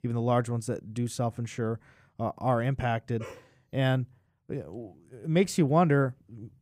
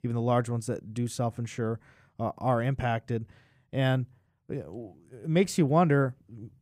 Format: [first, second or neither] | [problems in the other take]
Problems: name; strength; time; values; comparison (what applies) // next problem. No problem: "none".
second | dog barking; faint; at 3 s; peak 15 dB below the speech